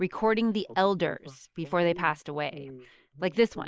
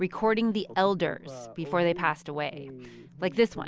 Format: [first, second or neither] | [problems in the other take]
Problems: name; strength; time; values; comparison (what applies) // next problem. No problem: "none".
second | noise reduction (neural mask model Resemble Enhance denoiser)